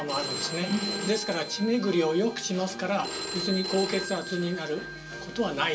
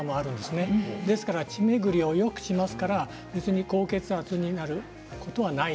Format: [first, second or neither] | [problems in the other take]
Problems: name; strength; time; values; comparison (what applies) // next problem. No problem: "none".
second | background sound (Telephone); 8 dB below the speech // room echo; dies away in 0.2 s